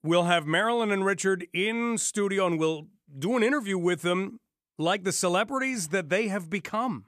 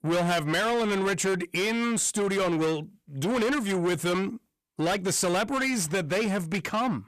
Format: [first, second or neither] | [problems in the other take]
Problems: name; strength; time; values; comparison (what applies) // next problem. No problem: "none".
first | distortion; heavy; 7 dB below the speech